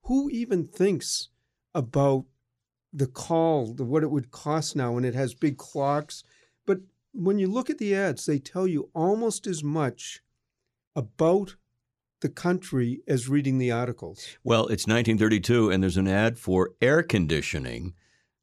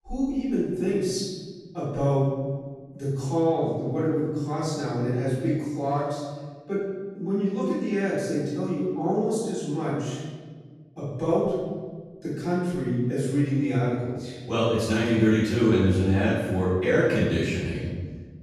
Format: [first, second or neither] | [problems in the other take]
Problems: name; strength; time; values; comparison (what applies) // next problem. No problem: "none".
first | off-mic speech; far // room echo; strong; dies away in 1.5 s